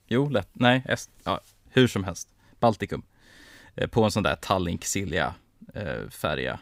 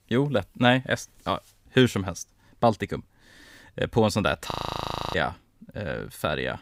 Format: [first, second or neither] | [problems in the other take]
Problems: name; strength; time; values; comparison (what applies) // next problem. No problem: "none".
first | audio freezing; at 4.5 s for 0.5 s